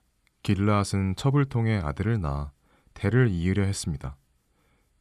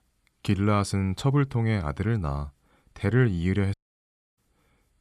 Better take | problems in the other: first | audio cutting out; at 3.5 s for 0.5 s

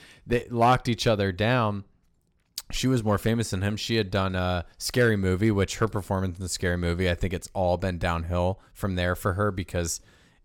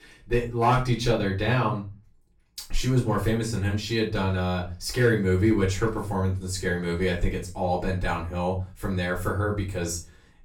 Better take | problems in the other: first | off-mic speech; far // room echo; slight; dies away in 0.3 s

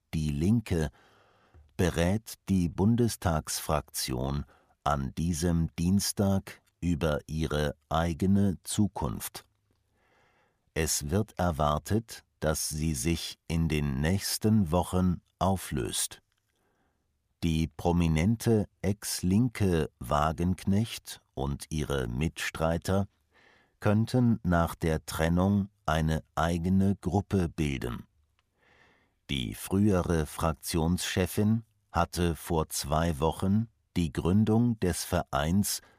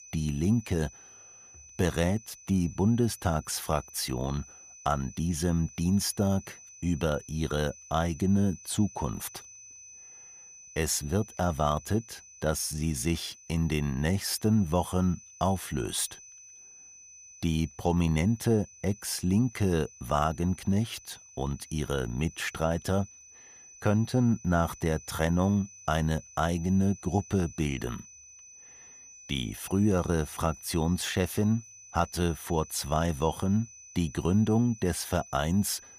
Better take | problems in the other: first | high-pitched whine; noticeable; throughout; 6 kHz, 20 dB below the speech

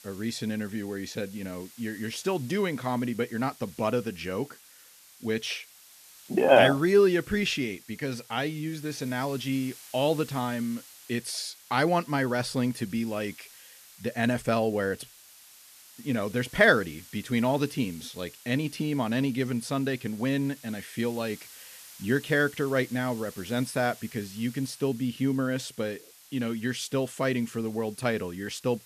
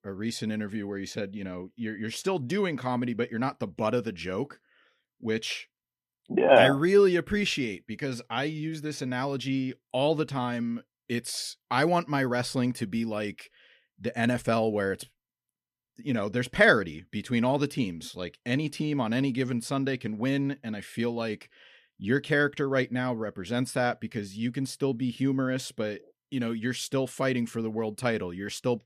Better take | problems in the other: second | hiss; noticeable; throughout; 20 dB below the speech

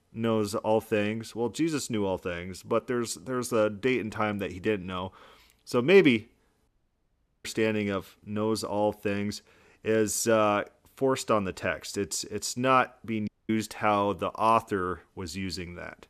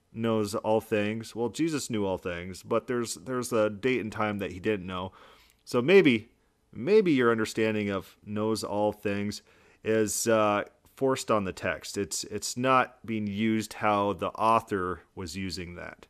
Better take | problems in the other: second | audio cutting out; at 6.5 s for 1 s and at 13 s

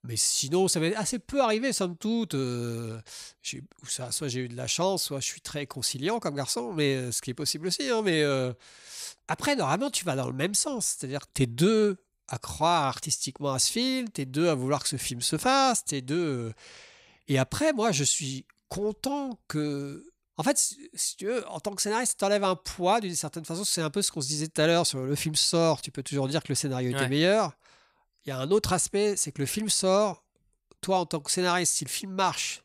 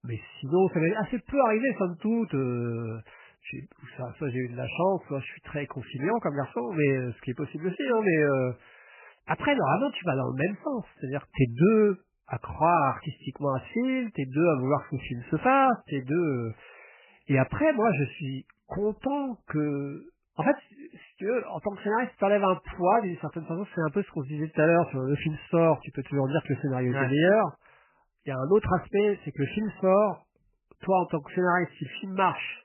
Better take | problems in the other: first | garbled, watery; badly; nothing above 3 kHz

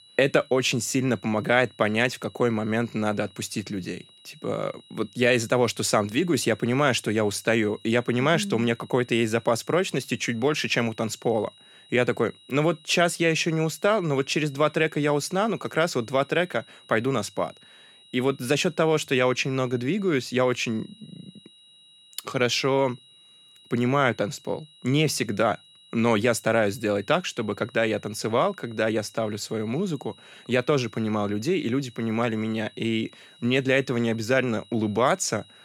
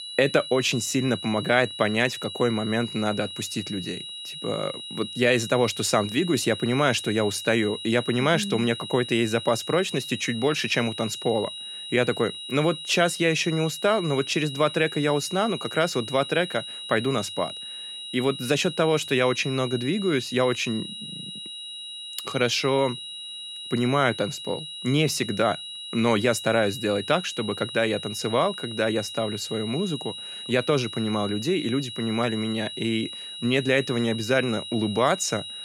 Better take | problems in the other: first | high-pitched whine; loud; throughout; 4 kHz, 9 dB below the speech; faint in the first

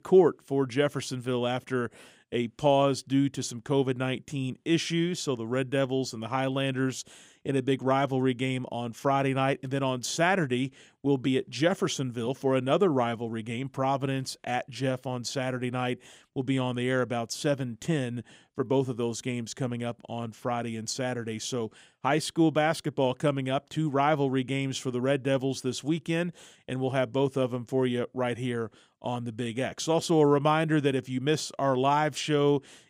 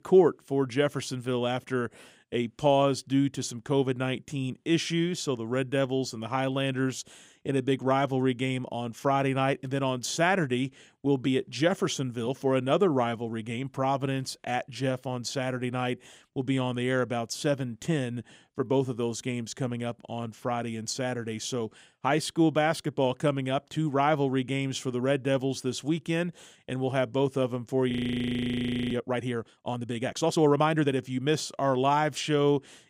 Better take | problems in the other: first | audio freezing; at 28 s for 1 s

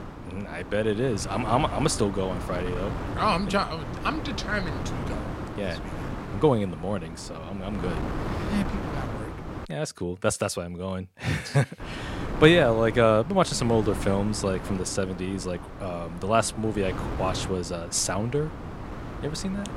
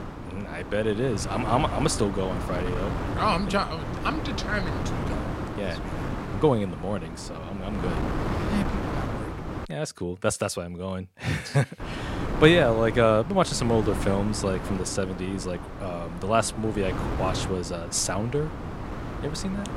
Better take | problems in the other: first | wind noise on the microphone; heavy; until 9.5 s and from 12 s on; 8 dB below the speech; occasional gusts in the first

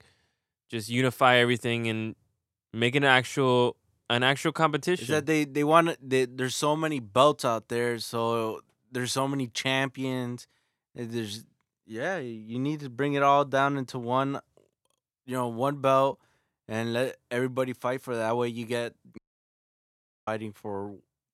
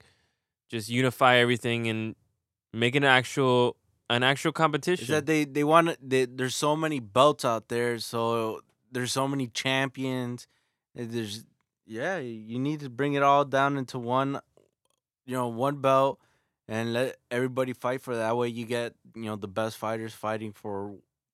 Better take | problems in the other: second | audio cutting out; at 19 s for 1 s

